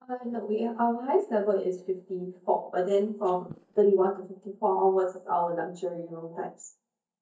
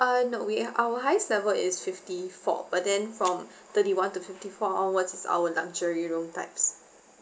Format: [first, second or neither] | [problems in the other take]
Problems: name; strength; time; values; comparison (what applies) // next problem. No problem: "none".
second | noise reduction (neural mask model DeepFilterNet 3)